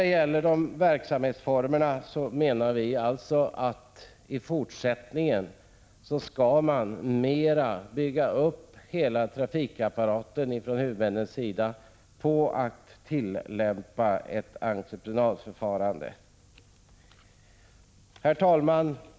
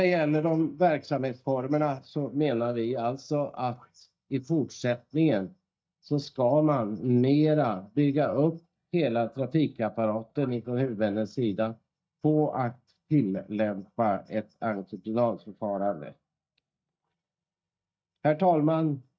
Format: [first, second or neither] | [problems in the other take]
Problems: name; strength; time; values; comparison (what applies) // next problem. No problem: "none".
first | noise reduction (neural mask model DeepFilterNet 3)